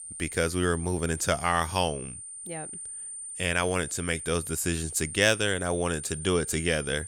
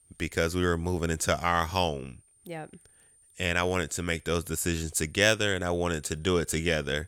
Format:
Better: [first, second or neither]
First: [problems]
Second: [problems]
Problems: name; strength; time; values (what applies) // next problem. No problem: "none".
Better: second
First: high-pitched whine; loud; throughout; 9 kHz, 9 dB below the speech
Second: high-pitched whine; faint; throughout; 9 kHz, 30 dB below the speech